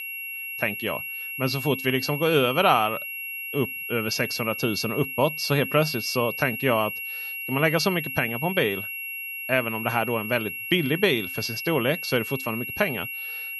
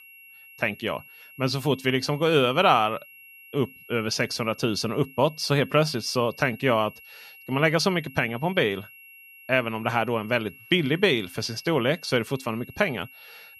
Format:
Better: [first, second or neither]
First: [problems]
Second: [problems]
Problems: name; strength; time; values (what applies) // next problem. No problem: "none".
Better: second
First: high-pitched whine; loud; throughout; 2.5 kHz, 6 dB below the speech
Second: high-pitched whine; faint; throughout; 2.5 kHz, 20 dB below the speech